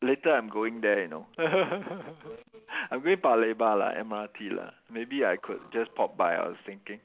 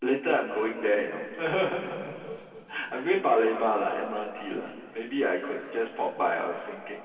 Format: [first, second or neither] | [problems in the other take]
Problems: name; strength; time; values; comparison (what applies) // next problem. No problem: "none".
first | room echo; dies away in 2.5 s